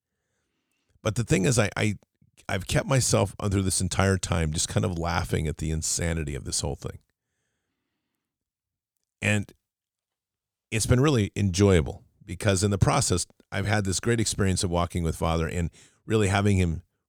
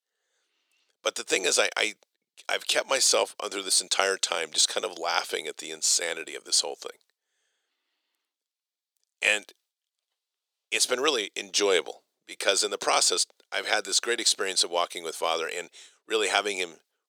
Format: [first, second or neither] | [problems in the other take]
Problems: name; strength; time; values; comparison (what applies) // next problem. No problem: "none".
first | thin; very; fading below 400 Hz